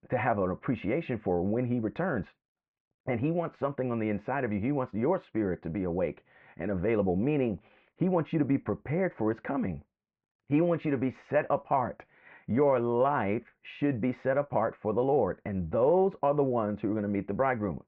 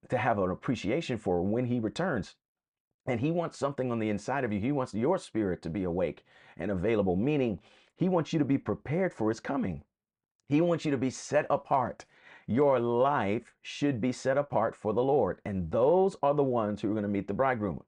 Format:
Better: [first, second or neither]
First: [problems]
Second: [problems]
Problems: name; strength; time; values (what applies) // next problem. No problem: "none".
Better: second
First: muffled; very; fading above 2.5 kHz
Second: none